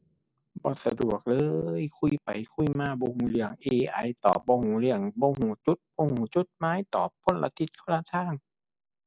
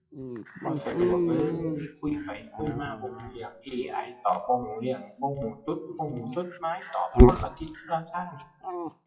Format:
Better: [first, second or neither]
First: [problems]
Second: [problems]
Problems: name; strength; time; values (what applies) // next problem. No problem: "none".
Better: first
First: none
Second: noise reduction (classical method WPE with log-MMSE)